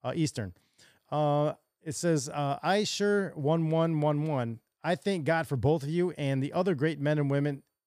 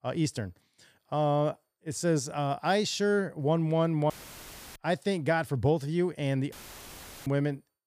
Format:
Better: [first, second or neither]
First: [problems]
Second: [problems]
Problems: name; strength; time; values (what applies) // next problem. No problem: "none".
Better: first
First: none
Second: audio cutting out; filled with static; at 4 s for 0.5 s and at 6.5 s for 0.5 s